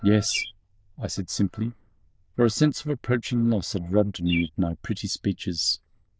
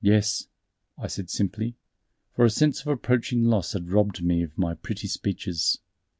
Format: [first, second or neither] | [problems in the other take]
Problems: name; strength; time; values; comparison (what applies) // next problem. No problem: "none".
second | noise reduction (neural diffusion model UNIVERSE++)